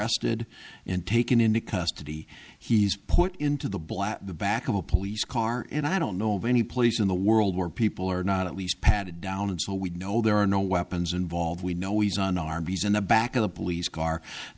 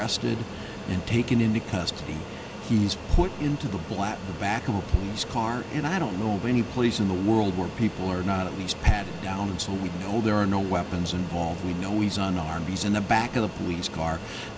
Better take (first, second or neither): first